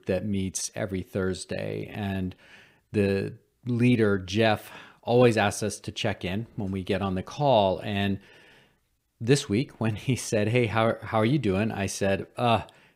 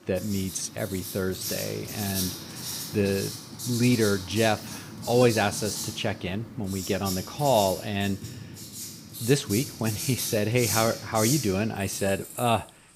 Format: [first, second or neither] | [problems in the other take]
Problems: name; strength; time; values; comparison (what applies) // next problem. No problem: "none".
first | household noises; loud; throughout; 6 dB below the speech